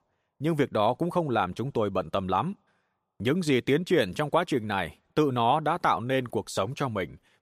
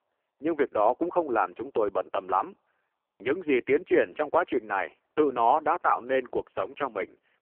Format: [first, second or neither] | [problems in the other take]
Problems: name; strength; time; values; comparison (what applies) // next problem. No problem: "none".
first | phone-call audio; poor line